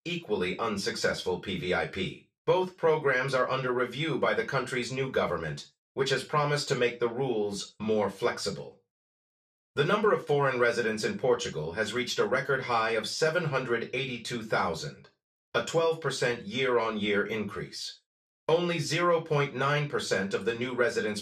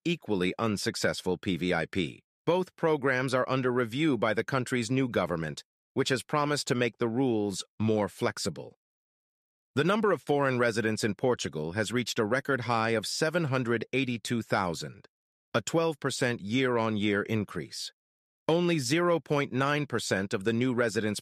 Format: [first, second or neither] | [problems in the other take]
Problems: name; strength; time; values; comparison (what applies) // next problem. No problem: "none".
second | room echo; very slight; dies away in 0.3 s // off-mic speech; far